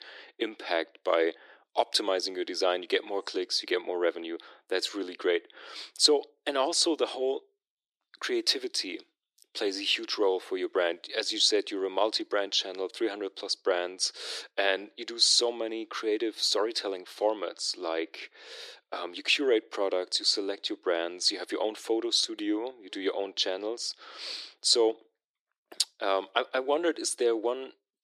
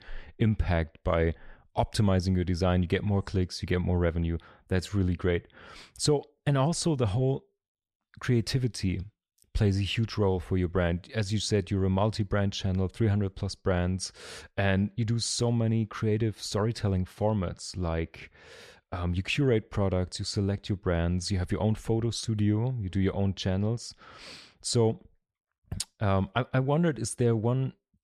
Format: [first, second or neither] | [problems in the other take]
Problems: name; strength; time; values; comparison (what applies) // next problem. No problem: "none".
second | thin; very; fading below 300 Hz